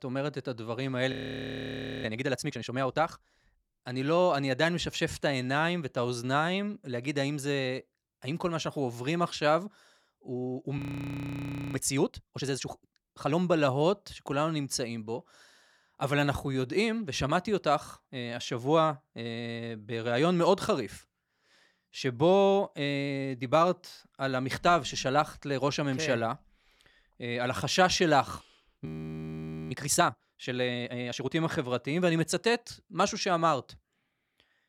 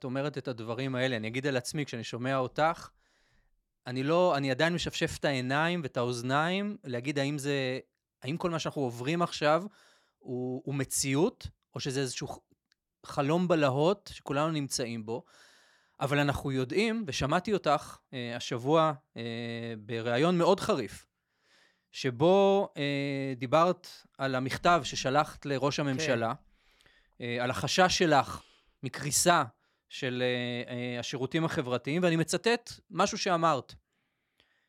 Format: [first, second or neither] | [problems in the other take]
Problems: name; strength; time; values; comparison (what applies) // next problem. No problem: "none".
second | audio freezing; at 1 s for 1 s, at 11 s for 1 s and at 29 s for 1 s